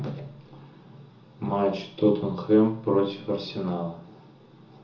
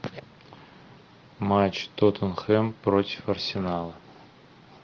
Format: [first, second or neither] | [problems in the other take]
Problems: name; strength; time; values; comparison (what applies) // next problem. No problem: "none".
second | room echo; dies away in 0.6 s